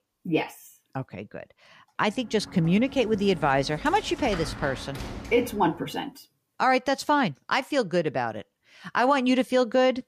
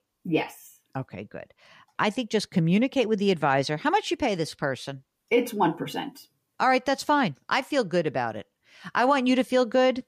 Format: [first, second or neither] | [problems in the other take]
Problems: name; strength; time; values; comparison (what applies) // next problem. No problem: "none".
second | door banging; noticeable; from 2 to 6 s; peak 10 dB below the speech